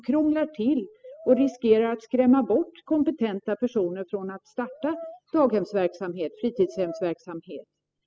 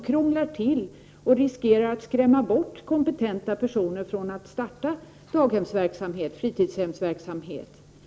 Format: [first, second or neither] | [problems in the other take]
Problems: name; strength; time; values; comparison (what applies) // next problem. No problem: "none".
second | noise reduction (classical method spectral subtraction)